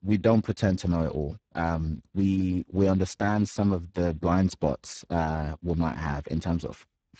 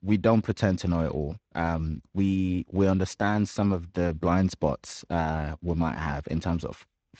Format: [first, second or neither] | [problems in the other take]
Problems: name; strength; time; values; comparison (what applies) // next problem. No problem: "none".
second | garbled, watery; badly; nothing above 7.5 kHz; slightly in the second